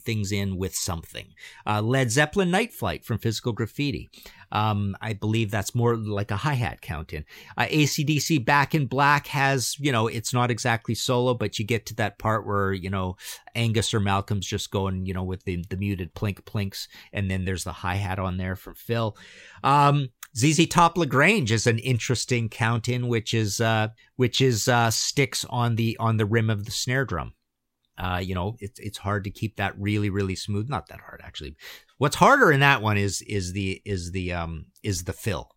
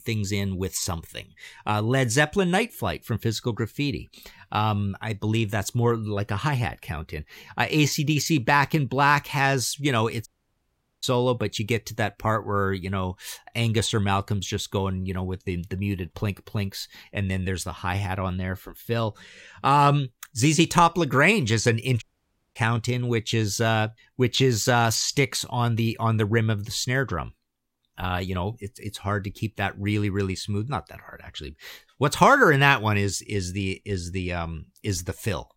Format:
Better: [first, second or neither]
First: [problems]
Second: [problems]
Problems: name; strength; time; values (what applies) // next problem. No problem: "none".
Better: first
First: none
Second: audio cutting out; at 10 s for 1 s and at 22 s for 0.5 s